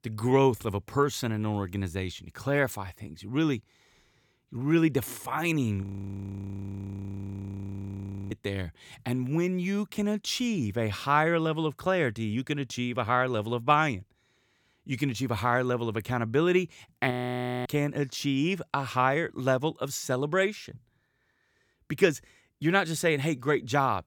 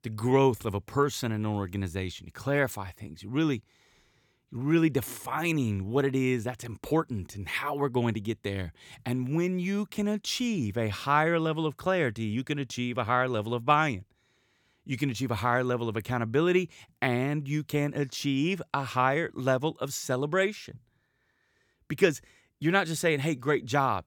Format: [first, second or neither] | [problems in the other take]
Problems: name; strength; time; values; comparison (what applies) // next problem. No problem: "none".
second | audio freezing; at 6 s for 2.5 s and at 17 s for 0.5 s